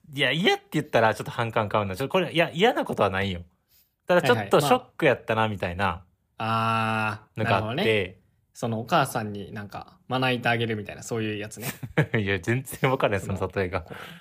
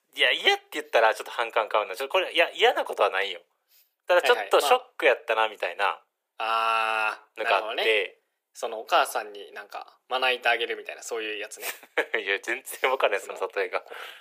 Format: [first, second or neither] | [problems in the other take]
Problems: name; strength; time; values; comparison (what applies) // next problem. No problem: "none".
first | thin; very; fading below 400 Hz